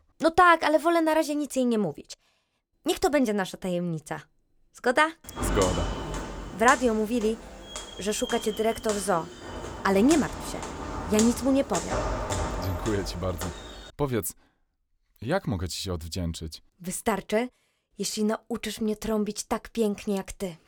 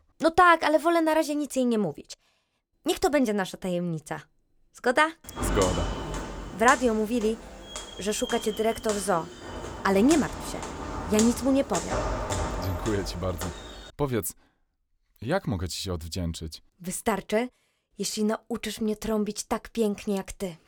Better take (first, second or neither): neither